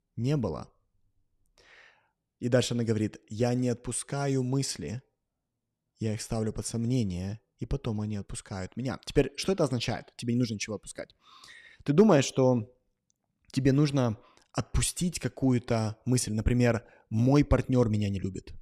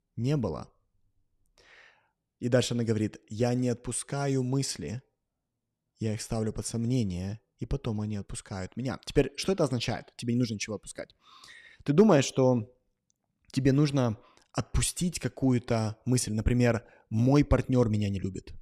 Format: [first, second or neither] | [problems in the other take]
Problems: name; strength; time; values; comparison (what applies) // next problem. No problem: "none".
neither | none